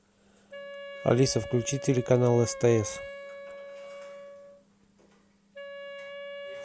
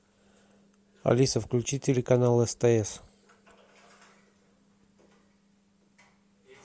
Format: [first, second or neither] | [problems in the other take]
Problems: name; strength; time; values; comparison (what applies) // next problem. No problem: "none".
second | background sound (Wind instrument, woodwind instrument); 12 dB below the speech